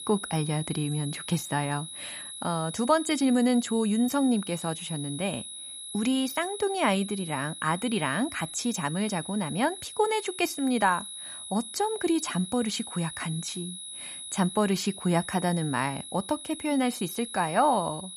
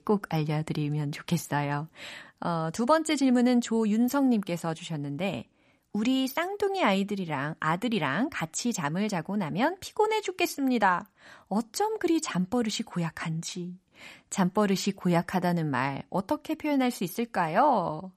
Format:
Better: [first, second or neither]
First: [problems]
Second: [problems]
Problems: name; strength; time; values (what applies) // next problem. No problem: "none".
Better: second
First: high-pitched whine; loud; throughout; 11 kHz, 9 dB below the speech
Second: none